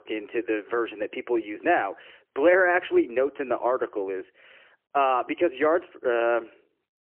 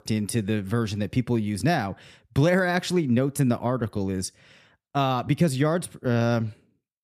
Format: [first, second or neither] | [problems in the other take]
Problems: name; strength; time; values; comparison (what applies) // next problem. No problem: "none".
second | phone-call audio; poor line; nothing above 3 kHz